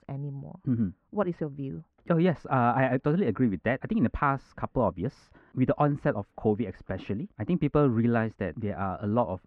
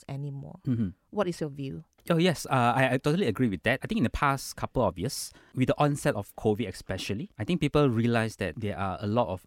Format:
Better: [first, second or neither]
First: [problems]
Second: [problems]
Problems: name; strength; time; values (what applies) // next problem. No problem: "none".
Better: second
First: muffled; very; fading above 1.5 kHz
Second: none